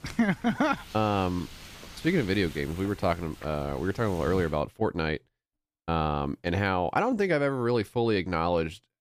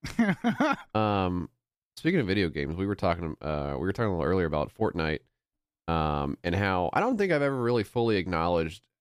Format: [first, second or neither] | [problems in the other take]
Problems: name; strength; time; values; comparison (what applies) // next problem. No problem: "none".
second | wind noise on the microphone; occasional gusts; until 4.5 s; 20 dB below the speech